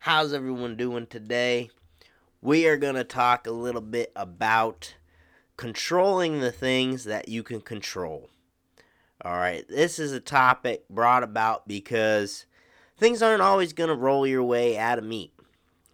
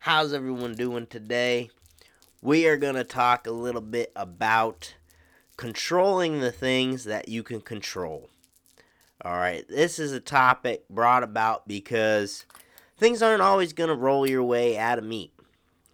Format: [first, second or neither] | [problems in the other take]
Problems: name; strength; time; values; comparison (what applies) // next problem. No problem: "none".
first | household noises; faint; throughout; 30 dB below the speech